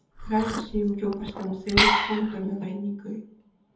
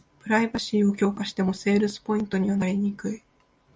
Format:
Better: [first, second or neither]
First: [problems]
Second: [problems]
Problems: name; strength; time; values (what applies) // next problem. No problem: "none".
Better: second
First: background sound (Liquid); 1 dB above the speech // room echo; dies away in 0.7 s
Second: none